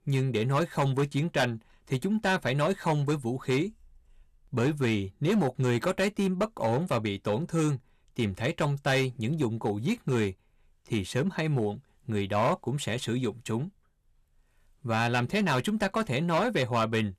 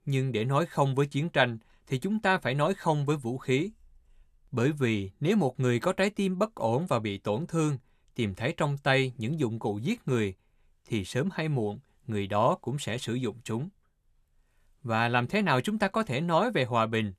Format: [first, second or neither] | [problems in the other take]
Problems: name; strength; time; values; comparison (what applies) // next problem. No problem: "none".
second | distortion; slight; 6% of the sound clipped